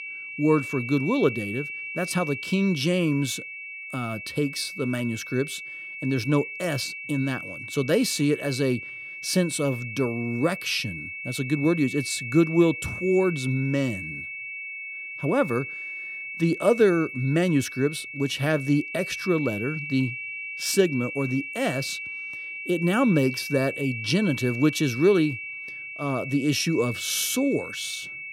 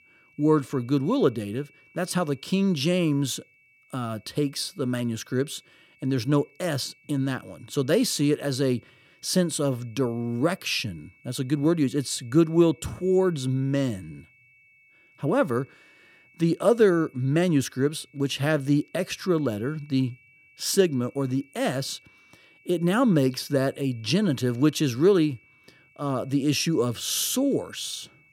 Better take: second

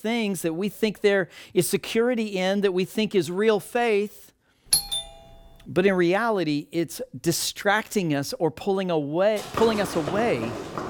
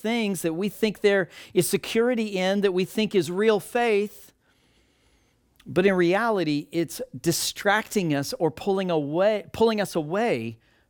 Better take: second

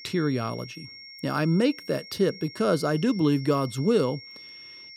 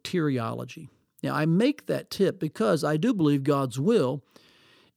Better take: second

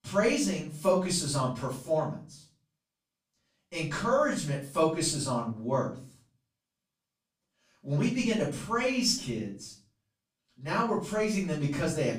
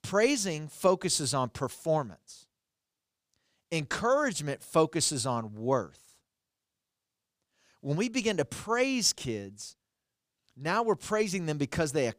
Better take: second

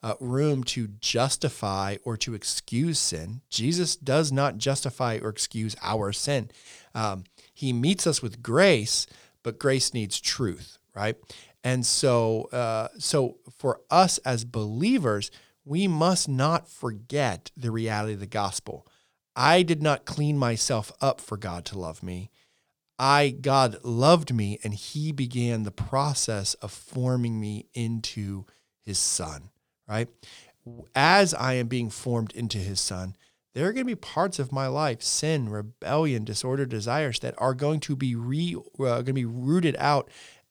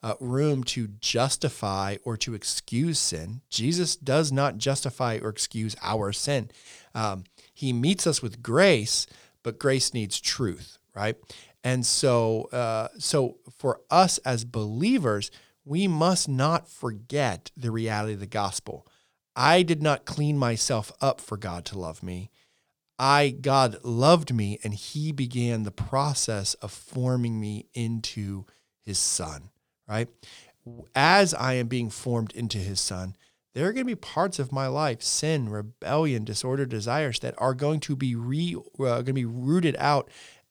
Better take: neither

